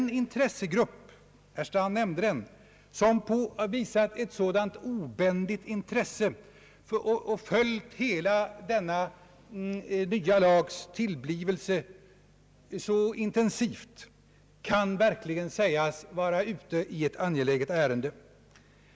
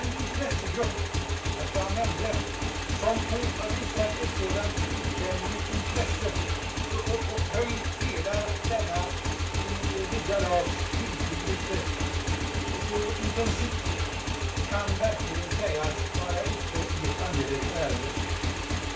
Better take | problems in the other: first | background sound (Motorcycle / Engine); 4 dB above the speech // room echo; dies away in 0.4 s

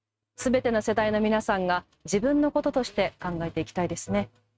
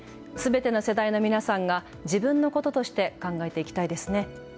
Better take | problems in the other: second | noise reduction (neural mask model RNNoise)

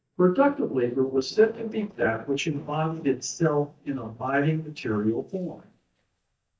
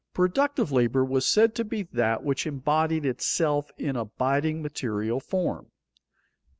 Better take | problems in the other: second | noise reduction (neural mask model DeepFilterNet 3)

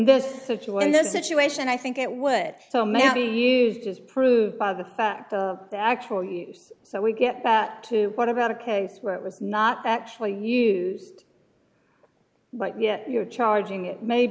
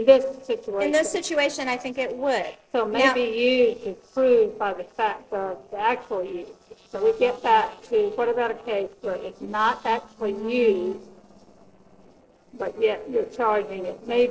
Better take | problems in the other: first | noise reduction (neural separator model SepFormer DNS4)

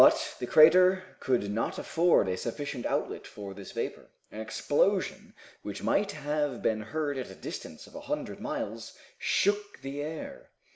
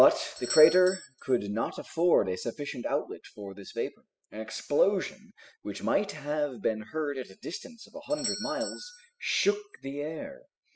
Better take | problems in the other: first | noise reduction (classical method spectral subtraction)

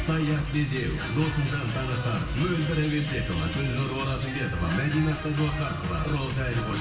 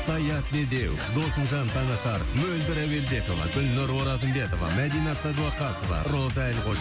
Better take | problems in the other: second | room echo; dies away in 1.1 s

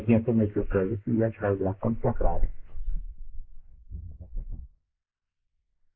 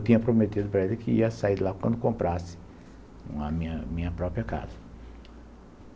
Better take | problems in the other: second | noise reduction (neural mask model Resemble Enhance denoiser)

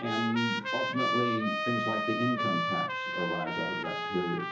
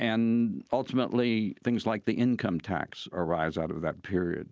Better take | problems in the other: second | background sound (Trumpet); 1 dB above the speech // room echo; dies away in 0.7 s

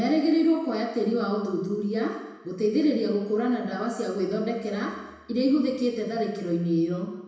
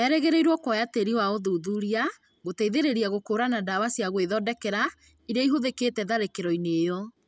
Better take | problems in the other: second | room echo; dies away in 1 s

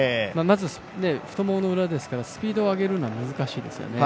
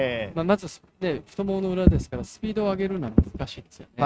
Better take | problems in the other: first | noise reduction (neural mask model RNNoise)

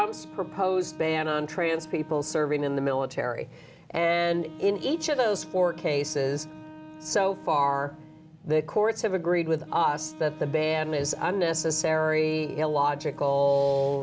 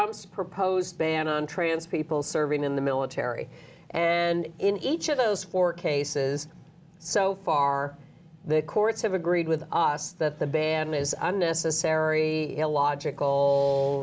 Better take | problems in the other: second | background sound (Wind instrument, woodwind instrument); 19 dB below the speech

